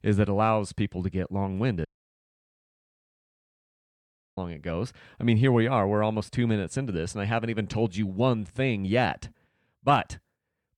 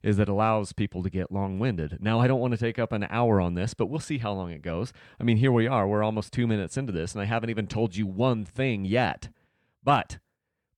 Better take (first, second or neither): second